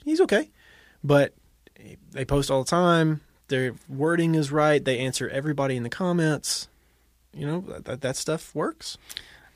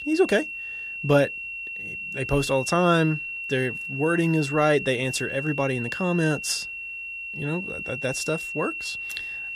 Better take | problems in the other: first | high-pitched whine; loud; throughout; 2.5 kHz, 6 dB below the speech

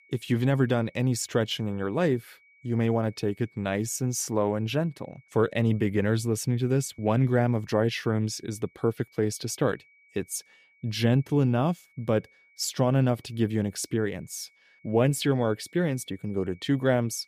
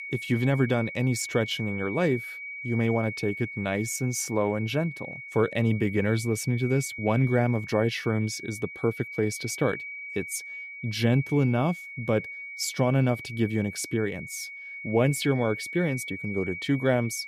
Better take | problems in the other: first | high-pitched whine; loud; throughout; 2 kHz, 10 dB below the speech; faint in the first

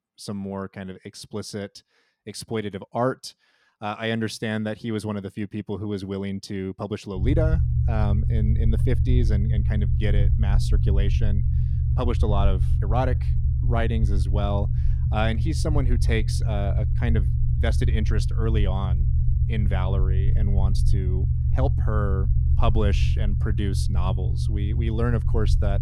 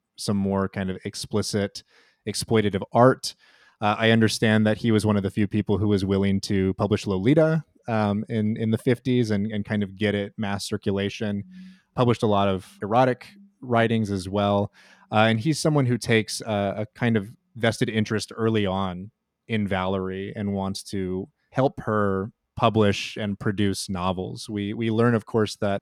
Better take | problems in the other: second | low rumble; loud; from 7 s on; 7 dB below the speech

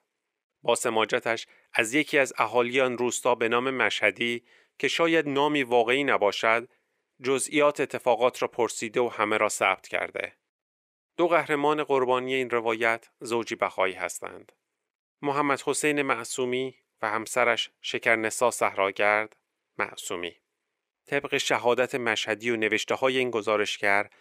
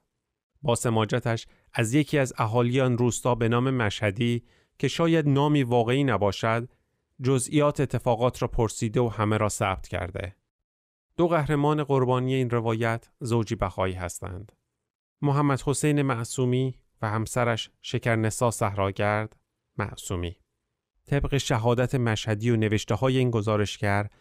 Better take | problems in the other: second | thin; somewhat; fading below 450 Hz

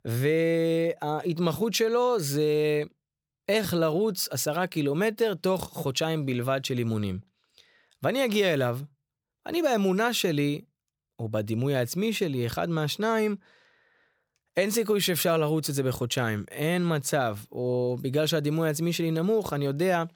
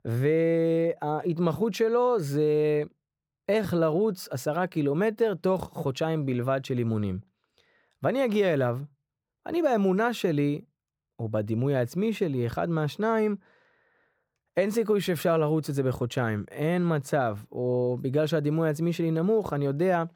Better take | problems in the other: first | muffled; slightly; fading above 2.5 kHz

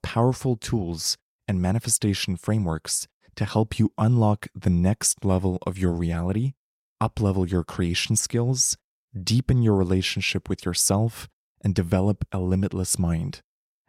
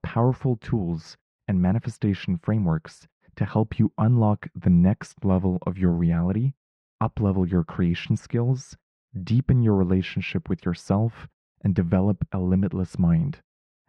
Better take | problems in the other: first | muffled; very; fading above 2 kHz

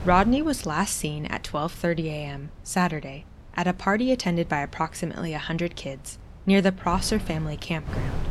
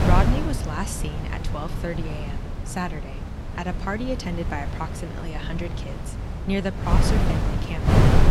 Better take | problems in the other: first | wind noise on the microphone; heavy; 1 dB below the speech; occasional gusts in the first

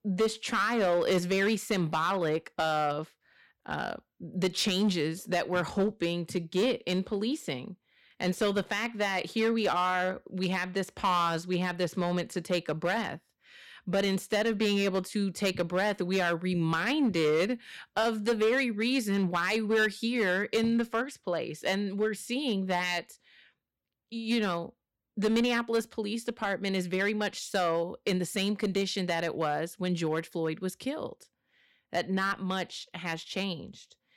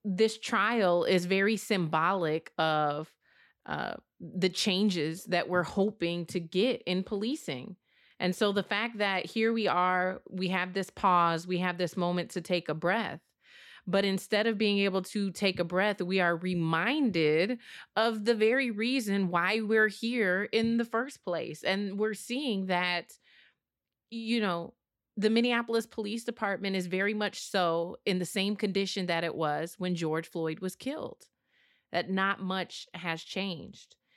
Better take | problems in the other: second | distortion; slight; 4% of the sound clipped

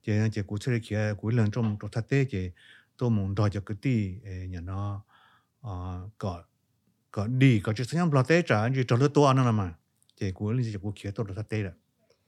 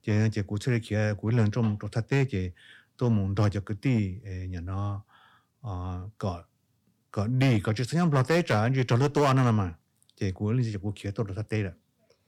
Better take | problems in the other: first | distortion; slight; 3% of the sound clipped

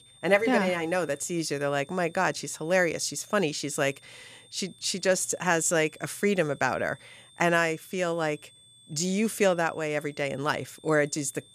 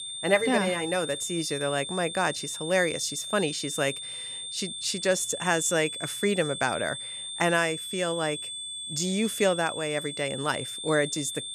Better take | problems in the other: first | high-pitched whine; loud; throughout; 3.5 kHz, 6 dB below the speech; faint in the first

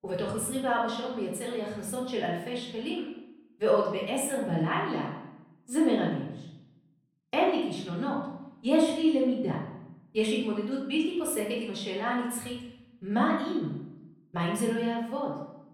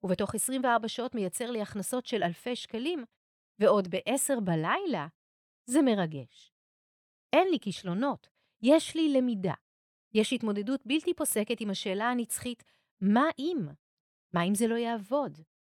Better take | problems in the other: second | off-mic speech; far // room echo; noticeable; dies away in 0.8 s

